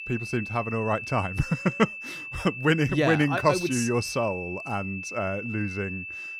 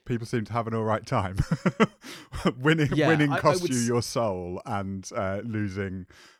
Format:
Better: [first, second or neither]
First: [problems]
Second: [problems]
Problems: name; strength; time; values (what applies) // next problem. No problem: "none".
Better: second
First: high-pitched whine; loud; throughout; 2.5 kHz, 8 dB below the speech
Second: none